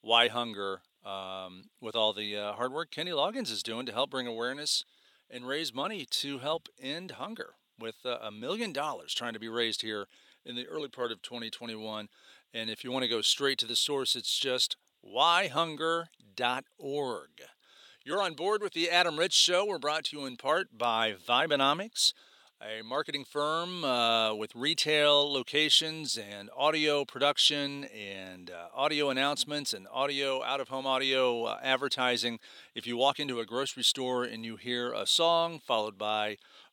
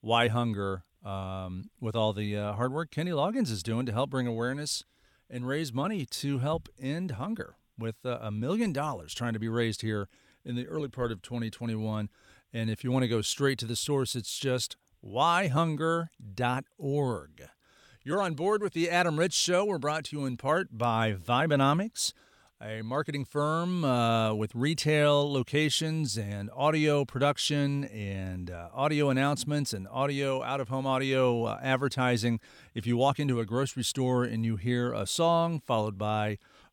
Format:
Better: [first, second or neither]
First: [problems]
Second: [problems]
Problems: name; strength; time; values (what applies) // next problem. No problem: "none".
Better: second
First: thin; somewhat; fading below 350 Hz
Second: none